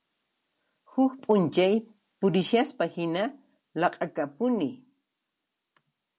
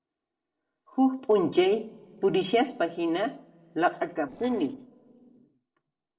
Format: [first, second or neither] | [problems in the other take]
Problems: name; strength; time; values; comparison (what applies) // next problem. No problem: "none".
first | noise reduction (neural separator model SepFormer DNS4)